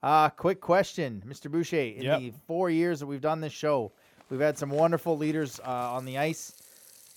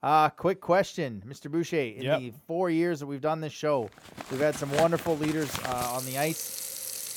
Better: first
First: household noises; faint; from 4 s on; 25 dB below the speech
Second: household noises; loud; from 4 s on; 6 dB below the speech

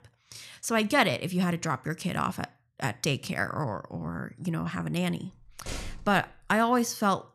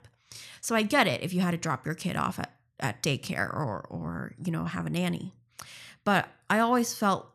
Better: second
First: door banging; faint; from 5.5 to 6.5 s; peak 10 dB below the speech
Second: none

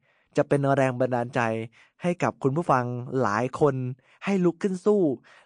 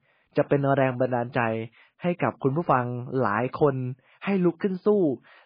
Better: first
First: garbled, watery; slightly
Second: garbled, watery; badly

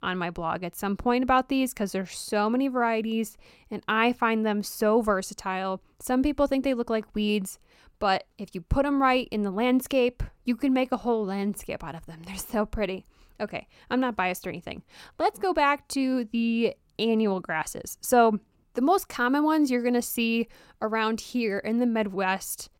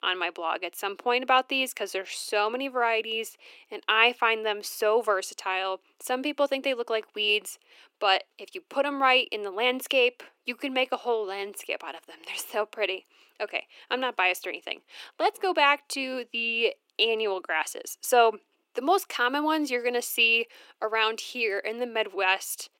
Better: first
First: none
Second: thin; somewhat; fading below 300 Hz

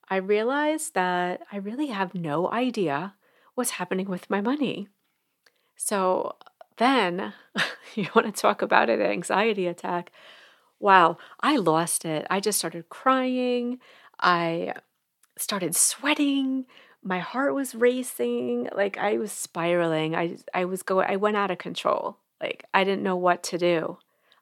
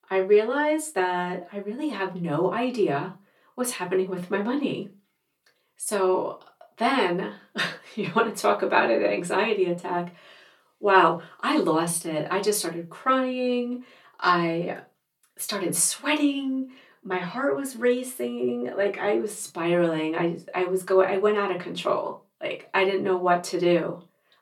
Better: first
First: none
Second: off-mic speech; far // room echo; very slight; dies away in 0.2 s

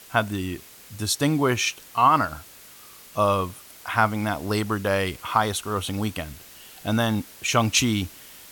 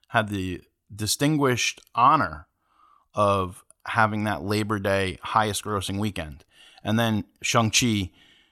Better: second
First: hiss; noticeable; throughout; 20 dB below the speech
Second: none

